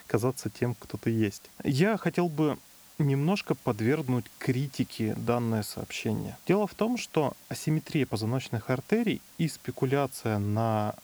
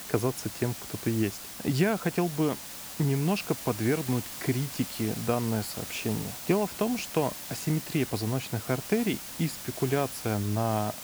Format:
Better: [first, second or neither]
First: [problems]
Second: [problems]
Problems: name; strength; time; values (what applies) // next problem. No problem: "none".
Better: first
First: hiss; faint; throughout; 20 dB below the speech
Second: hiss; loud; throughout; 8 dB below the speech